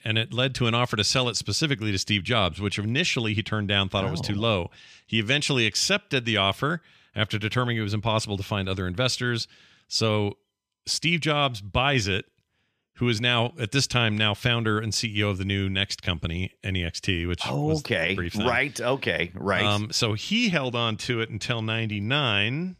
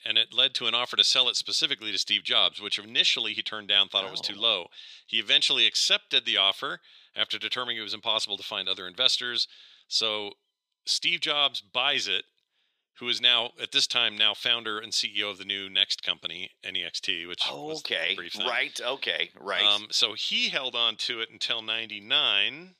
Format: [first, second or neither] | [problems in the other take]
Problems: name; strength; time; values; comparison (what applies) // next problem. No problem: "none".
first | thin; very; fading below 450 Hz